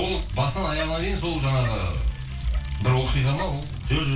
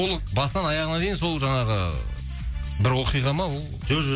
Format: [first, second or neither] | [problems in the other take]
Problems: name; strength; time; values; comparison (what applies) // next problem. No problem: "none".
second | background sound (Bicycle); 17 dB below the speech // room echo; dies away in 0.2 s